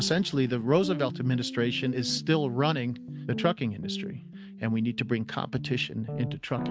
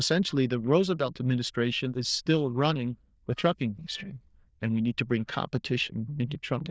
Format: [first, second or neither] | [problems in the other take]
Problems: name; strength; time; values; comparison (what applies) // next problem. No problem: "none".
first | noise reduction (neural diffusion model UNIVERSE++)